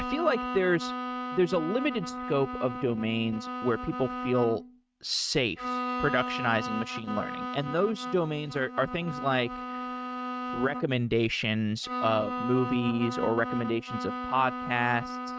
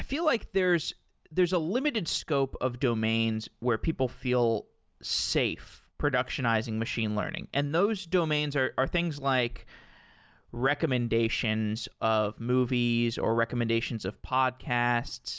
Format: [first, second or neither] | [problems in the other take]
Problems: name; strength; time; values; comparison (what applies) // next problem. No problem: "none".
second | noise reduction (neural mask model RNNoise)